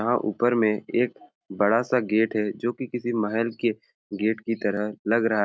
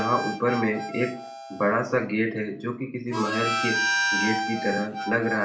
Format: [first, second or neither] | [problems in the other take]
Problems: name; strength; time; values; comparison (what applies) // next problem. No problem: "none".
first | background sound (Harmonica); 3 dB below the speech // room echo; dies away in 0.4 s